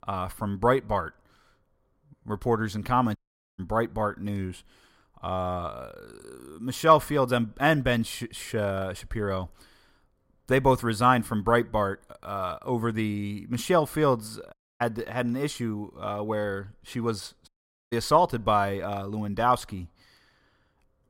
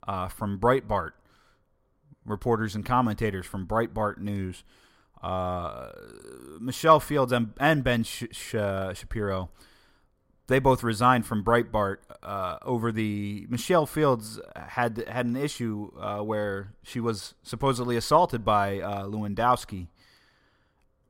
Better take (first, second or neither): second